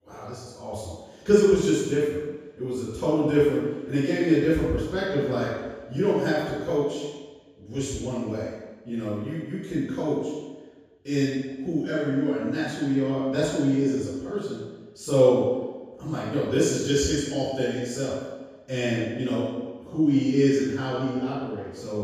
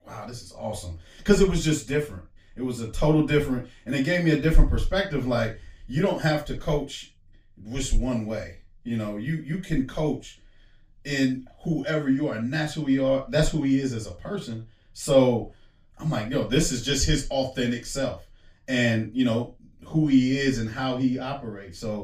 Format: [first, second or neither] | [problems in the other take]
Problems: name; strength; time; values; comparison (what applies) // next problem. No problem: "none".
second | room echo; strong; dies away in 1.2 s; slight in the second // off-mic speech; far; far in the second